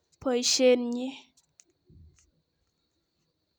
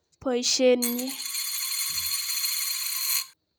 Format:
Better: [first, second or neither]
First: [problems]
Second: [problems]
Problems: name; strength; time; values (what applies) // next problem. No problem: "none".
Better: first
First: none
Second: background sound (Coin (dropping)); as loud as the speech